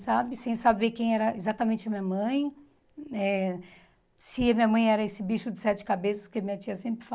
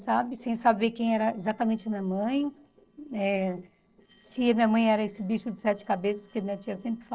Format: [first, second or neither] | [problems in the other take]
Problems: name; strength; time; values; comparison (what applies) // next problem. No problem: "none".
first | noise reduction (neural separator model SepFormer DNS4)